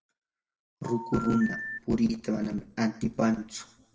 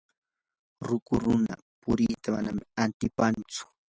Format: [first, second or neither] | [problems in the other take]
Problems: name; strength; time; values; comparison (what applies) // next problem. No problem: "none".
second | background sound (Telephone); 8 dB below the speech // room echo; dies away in 0.6 s